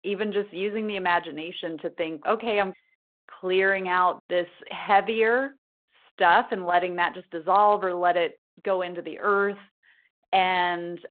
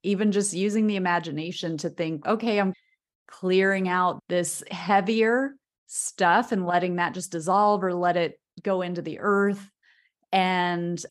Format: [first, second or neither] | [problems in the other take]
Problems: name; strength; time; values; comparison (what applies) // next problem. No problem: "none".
second | phone-call audio